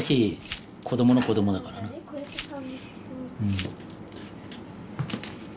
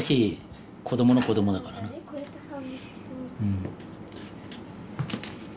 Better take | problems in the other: second | background sound (Glass); 17 dB below the speech

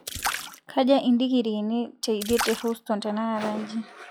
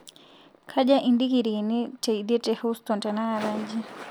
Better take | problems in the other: second | noise reduction (classical method log-MMSE)

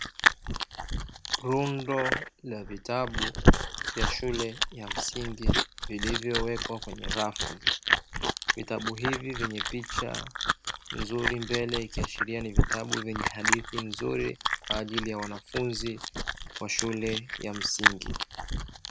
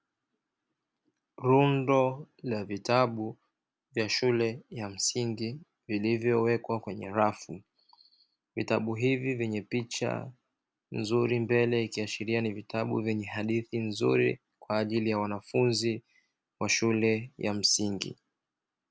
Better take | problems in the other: second | background sound (Chewing, mastication); 4 dB above the speech

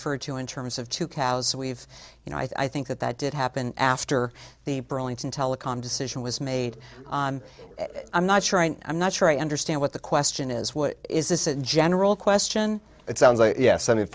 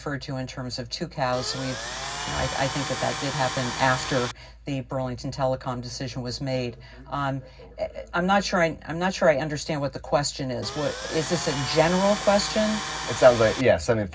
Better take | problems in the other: first | background sound (Tools); 6 dB below the speech // room echo; dies away in 0.4 s

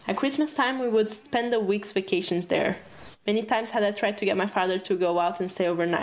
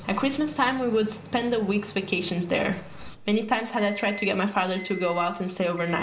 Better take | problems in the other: first | background sound (Microwave oven); 17 dB below the speech // room echo; dies away in 0.4 s

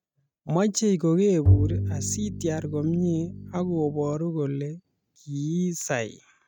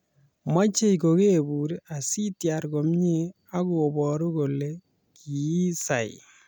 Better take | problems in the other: second | noise reduction (neural mask model RNNoise)

